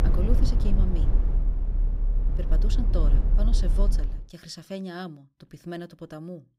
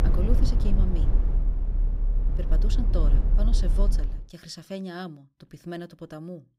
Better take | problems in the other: neither | low rumble; loud; until 4 s; 4 dB below the speech; the same in both

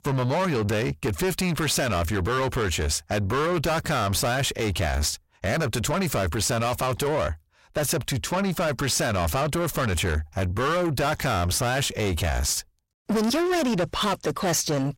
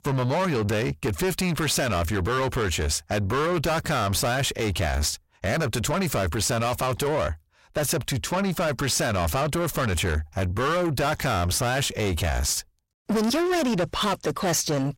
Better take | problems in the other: neither | distortion; heavy; 7 dB below the speech; the same in both

